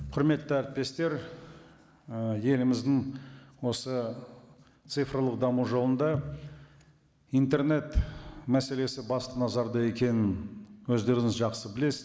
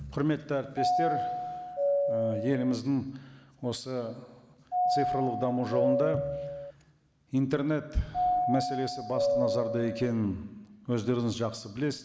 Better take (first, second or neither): first